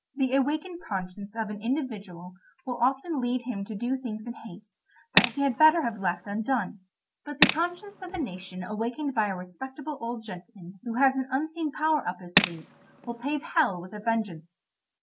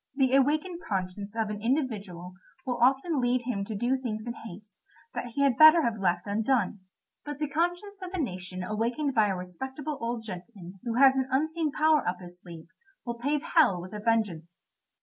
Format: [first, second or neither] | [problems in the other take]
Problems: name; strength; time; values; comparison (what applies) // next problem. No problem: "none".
second | background sound (Tools); 1 dB below the speech